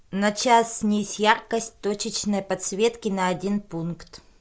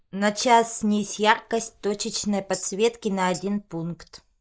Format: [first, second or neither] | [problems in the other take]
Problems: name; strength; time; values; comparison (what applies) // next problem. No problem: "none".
first | noise reduction (neural mask model DeepFilterNet 3)